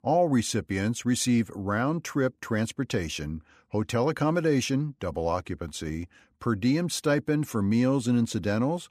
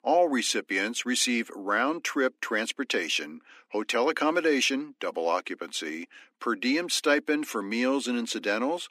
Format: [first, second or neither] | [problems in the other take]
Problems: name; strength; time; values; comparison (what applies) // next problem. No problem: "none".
first | thin; somewhat; fading below 250 Hz